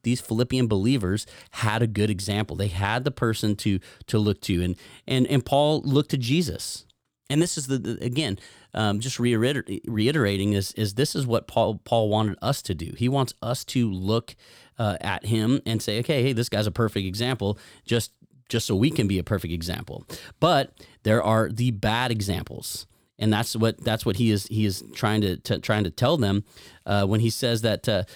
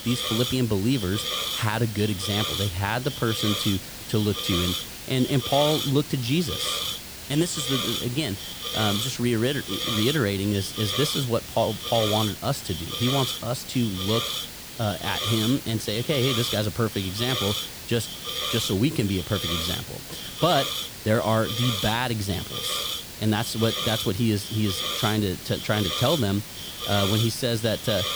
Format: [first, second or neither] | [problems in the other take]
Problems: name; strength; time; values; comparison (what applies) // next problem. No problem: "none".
first | hiss; loud; throughout; 3 dB below the speech